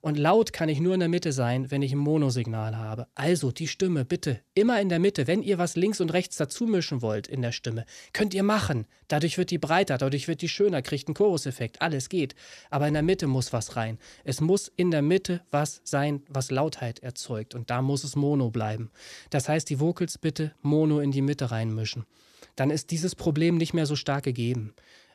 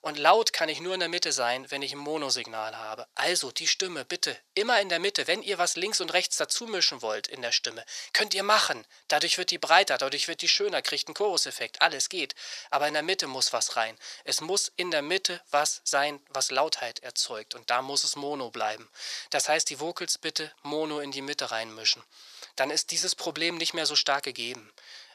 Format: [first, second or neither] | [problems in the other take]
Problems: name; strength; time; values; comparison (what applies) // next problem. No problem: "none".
first | thin; very; fading below 800 Hz